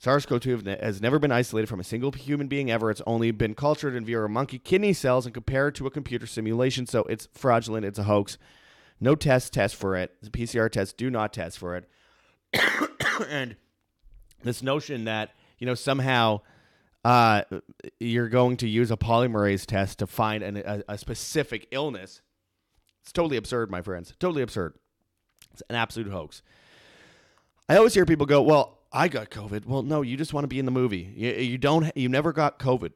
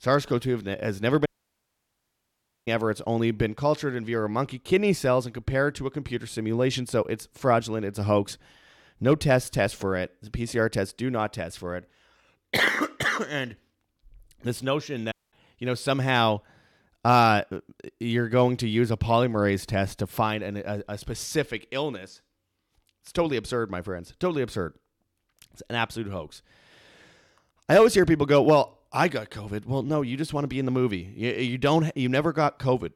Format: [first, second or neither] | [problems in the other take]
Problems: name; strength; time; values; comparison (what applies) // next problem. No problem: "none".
first | audio cutting out; at 1.5 s for 1.5 s and at 15 s